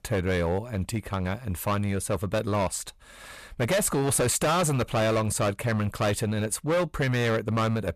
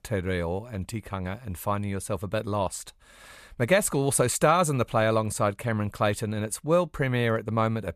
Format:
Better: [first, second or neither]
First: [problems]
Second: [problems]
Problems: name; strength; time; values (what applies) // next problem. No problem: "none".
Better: second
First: distortion; heavy; 15% of the sound clipped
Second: none